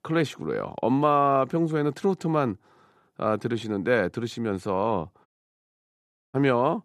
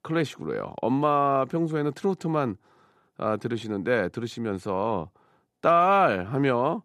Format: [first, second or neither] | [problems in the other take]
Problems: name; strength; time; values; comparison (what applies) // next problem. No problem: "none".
second | audio cutting out; at 5.5 s for 1 s